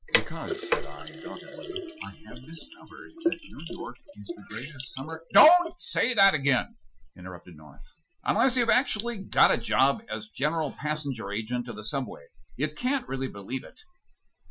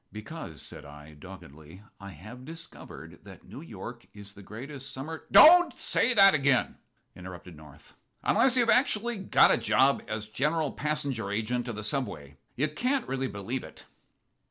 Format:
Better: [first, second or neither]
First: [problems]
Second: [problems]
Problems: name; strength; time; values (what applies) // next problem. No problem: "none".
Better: second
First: noise reduction (classical method Wiener filter)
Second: none